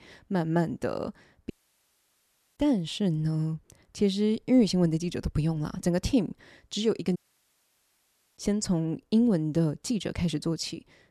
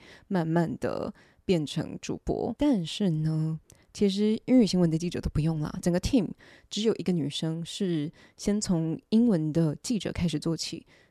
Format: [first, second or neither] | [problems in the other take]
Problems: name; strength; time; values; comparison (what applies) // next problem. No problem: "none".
second | audio cutting out; at 1.5 s for 1 s and at 7 s for 1 s